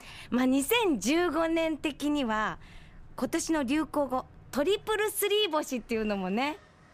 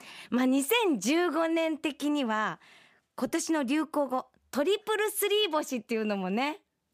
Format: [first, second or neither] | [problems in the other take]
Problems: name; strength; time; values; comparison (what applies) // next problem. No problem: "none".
second | train or aircraft noise; faint; throughout; 25 dB below the speech